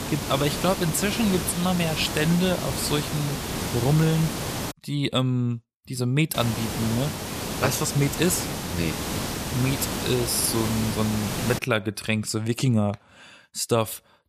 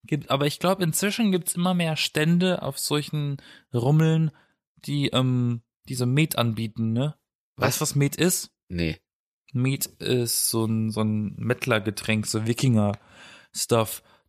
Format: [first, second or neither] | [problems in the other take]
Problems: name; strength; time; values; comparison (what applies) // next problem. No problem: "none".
second | hiss; loud; until 4.5 s and from 6.5 to 12 s; 4 dB below the speech